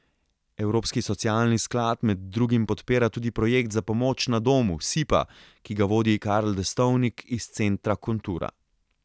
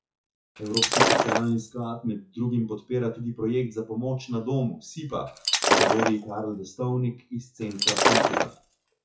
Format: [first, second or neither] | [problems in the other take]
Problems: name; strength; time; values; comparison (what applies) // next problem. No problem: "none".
first | noise reduction (classical method WPE with log-MMSE)